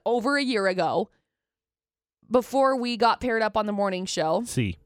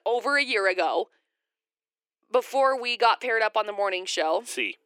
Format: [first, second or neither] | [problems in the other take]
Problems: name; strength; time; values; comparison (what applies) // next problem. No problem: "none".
first | thin; very; fading below 350 Hz